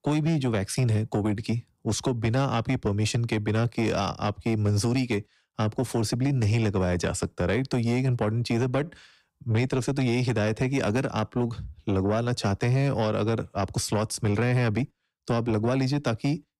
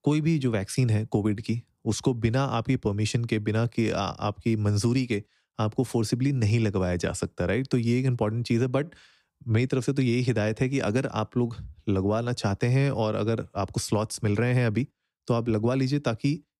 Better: second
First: distortion; slight; 10 dB below the speech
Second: none

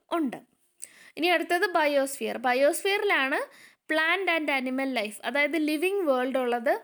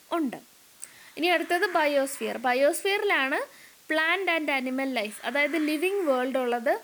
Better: first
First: none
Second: hiss; faint; throughout; 20 dB below the speech

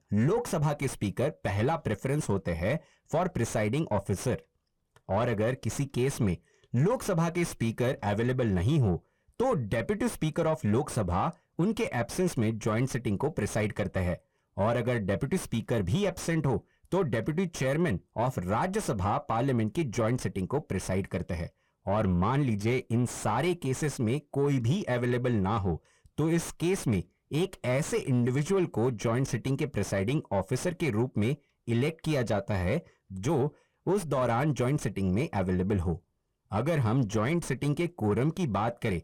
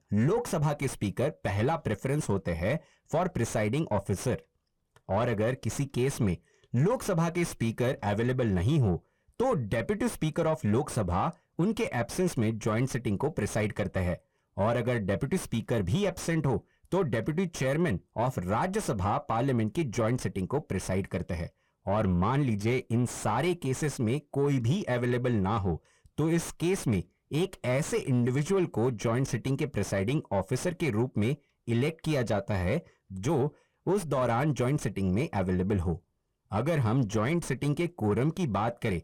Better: neither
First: distortion; slight; 10 dB below the speech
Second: distortion; slight; 10 dB below the speech

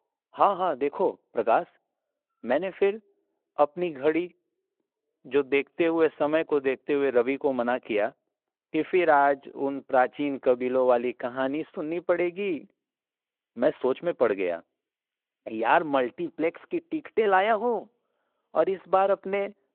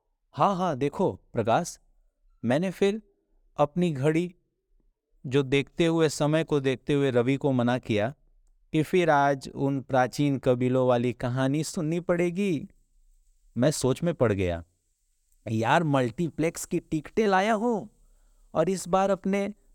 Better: second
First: phone-call audio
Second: none

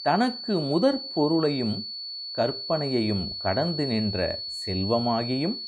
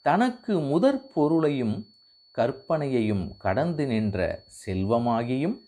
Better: second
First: high-pitched whine; loud; throughout; 4.5 kHz, 6 dB below the speech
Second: high-pitched whine; faint; throughout; 4.5 kHz, 30 dB below the speech

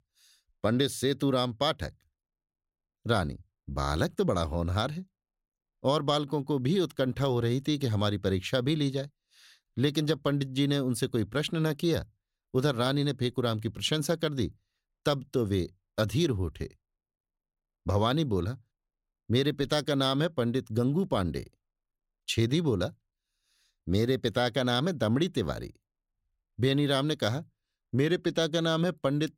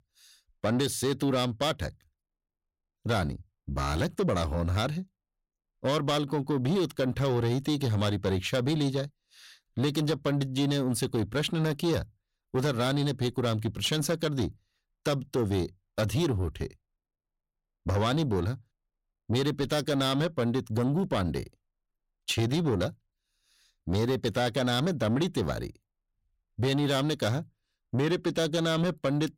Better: first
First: none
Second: distortion; slight; 10 dB below the speech

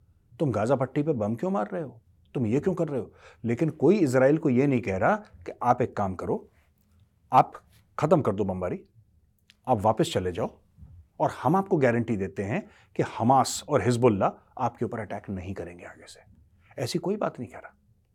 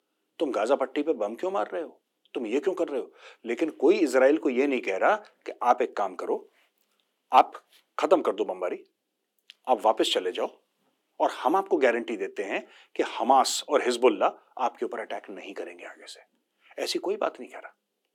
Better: first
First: none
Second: thin; somewhat; fading below 300 Hz

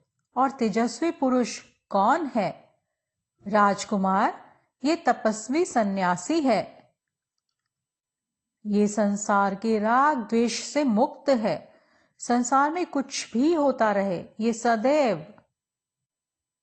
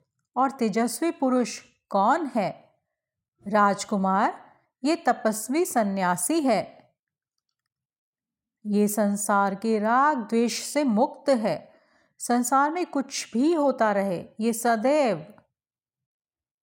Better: second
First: garbled, watery; slightly; nothing above 8 kHz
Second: none

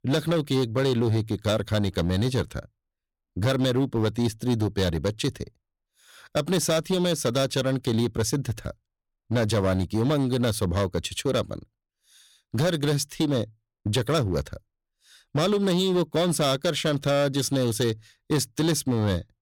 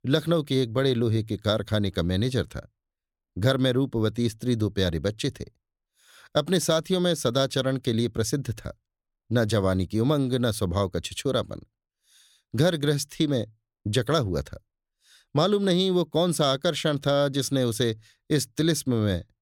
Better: second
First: distortion; slight; 11% of the sound clipped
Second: none

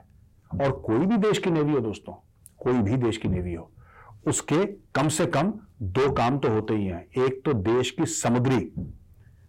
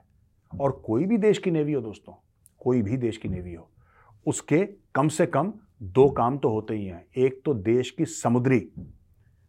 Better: second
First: distortion; heavy; 6 dB below the speech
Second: none

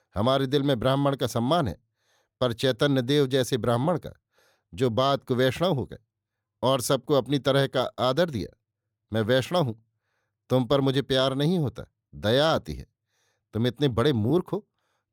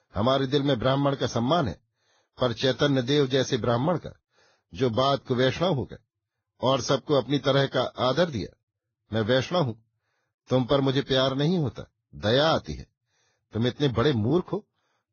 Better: first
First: none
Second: garbled, watery; badly; nothing above 6.5 kHz

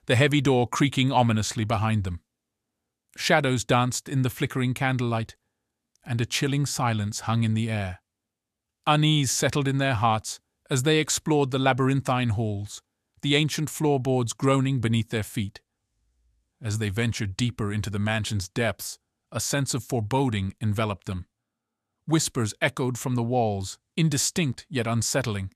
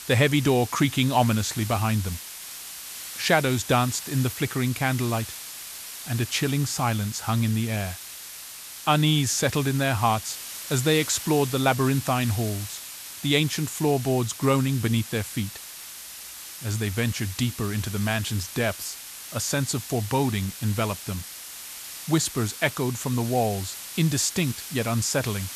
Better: first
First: none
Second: hiss; noticeable; throughout; 10 dB below the speech

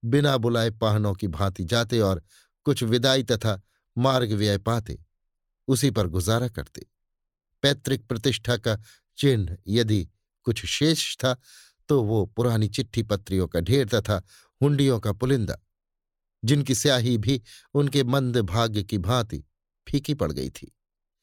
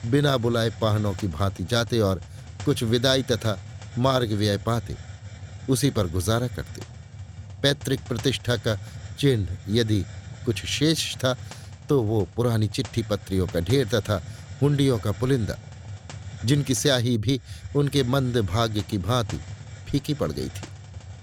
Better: first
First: none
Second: hiss; noticeable; throughout; 15 dB below the speech

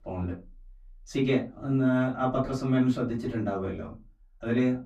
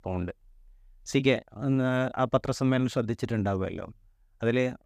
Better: second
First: off-mic speech; far // room echo; very slight; dies away in 0.3 s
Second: none

